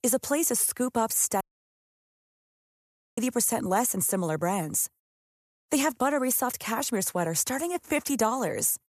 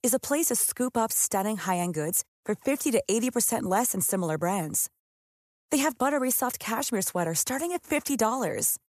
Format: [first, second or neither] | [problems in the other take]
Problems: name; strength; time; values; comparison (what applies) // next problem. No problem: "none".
second | audio cutting out; at 1.5 s for 2 s